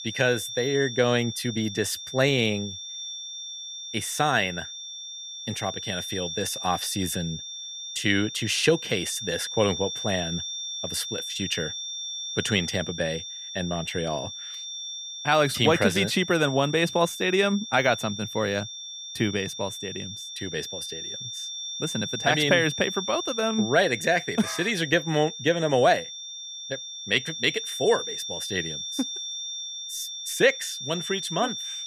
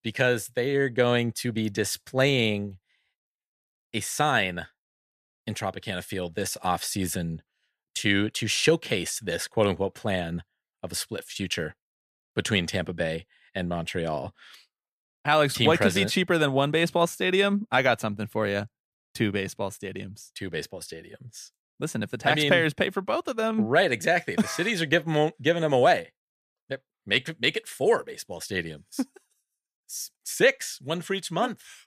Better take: second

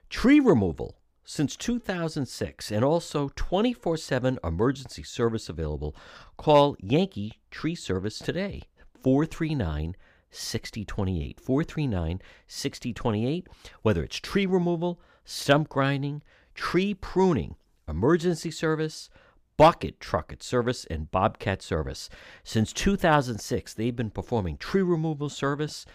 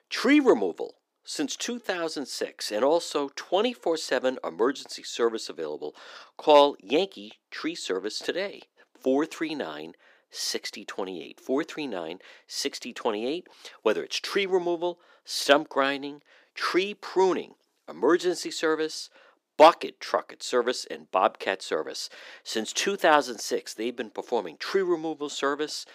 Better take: first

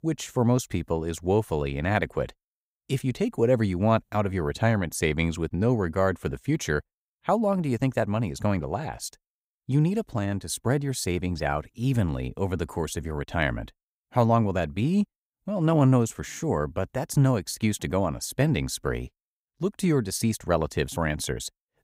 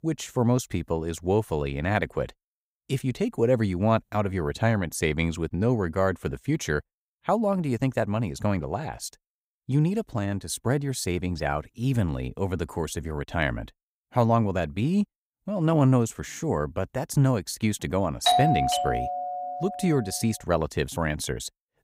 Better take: first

